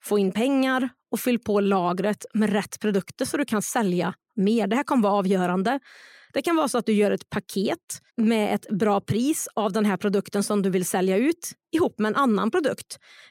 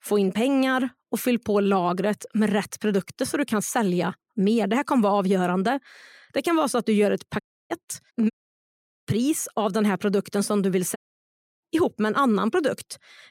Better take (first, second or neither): first